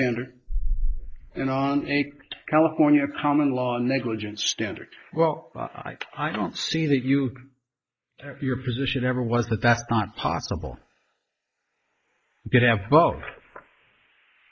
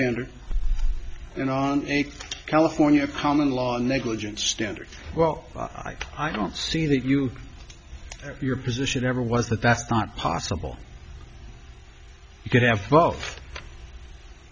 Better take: second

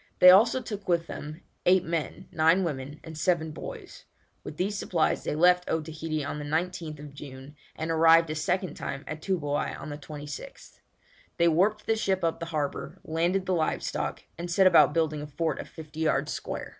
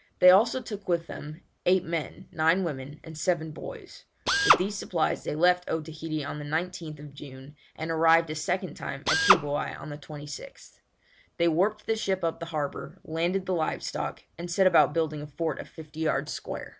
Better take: first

